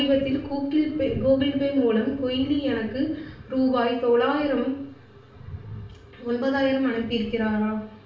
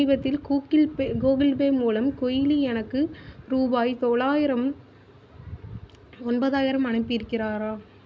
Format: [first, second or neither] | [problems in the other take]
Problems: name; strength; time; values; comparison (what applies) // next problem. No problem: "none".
second | room echo; dies away in 0.5 s